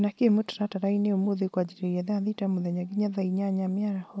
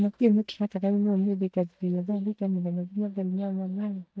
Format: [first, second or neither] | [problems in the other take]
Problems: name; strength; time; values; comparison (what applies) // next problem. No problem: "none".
first | noise reduction (neural mask model DeepFilterNet 3)